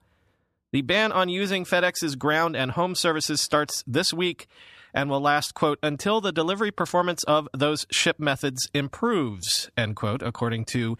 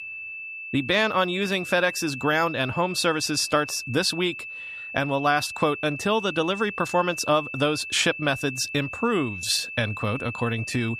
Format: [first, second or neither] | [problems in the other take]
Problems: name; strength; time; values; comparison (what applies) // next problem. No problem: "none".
first | high-pitched whine; loud; throughout; 2.5 kHz, 9 dB below the speech